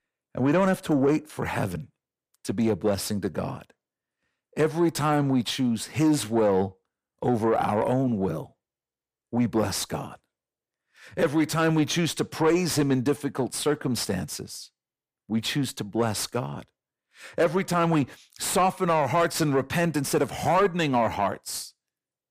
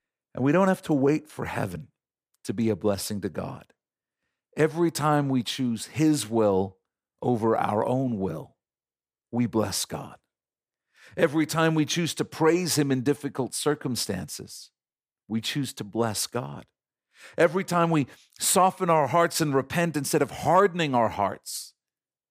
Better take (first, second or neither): second